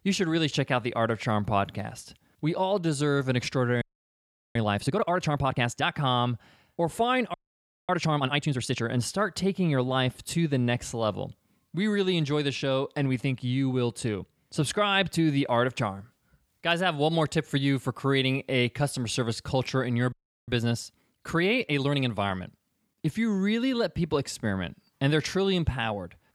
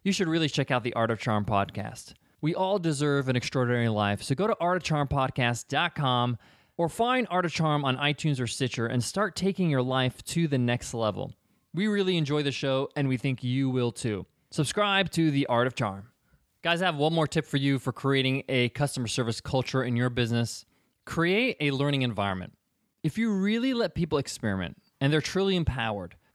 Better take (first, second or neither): second